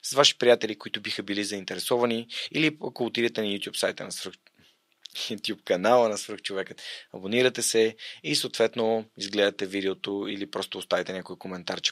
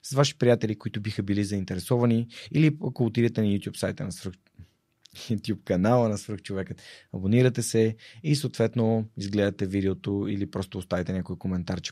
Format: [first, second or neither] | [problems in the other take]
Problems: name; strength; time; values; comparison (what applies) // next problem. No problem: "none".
second | thin; somewhat; fading below 450 Hz